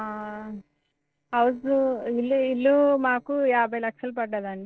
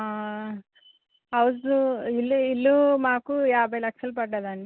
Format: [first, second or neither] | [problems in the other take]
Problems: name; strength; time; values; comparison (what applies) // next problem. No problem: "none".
second | noise reduction (neural separator model SepFormer DNS4)